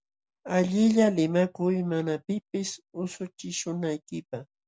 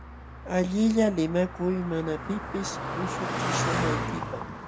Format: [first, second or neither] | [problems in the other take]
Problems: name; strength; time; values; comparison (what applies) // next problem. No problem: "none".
first | background sound (Car passing by); 4 dB below the speech